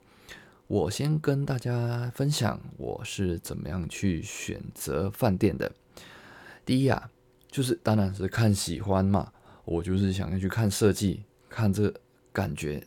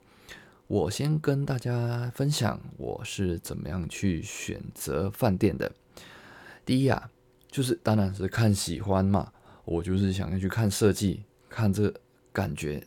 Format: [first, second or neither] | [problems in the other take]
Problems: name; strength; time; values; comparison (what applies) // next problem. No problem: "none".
neither | none